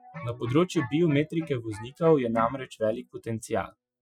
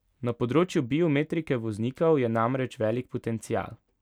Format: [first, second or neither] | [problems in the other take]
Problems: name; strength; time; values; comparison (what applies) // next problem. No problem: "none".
second | noise reduction (classical method Wiener filter)